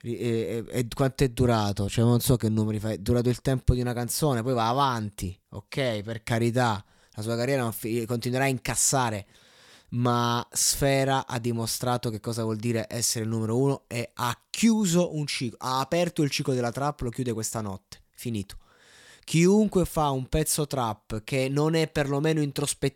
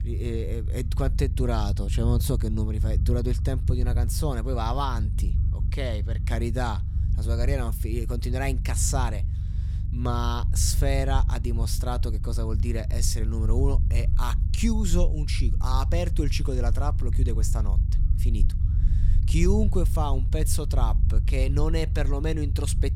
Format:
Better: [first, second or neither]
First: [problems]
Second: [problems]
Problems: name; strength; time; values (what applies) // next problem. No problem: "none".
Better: first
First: none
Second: low rumble; noticeable; throughout; 10 dB below the speech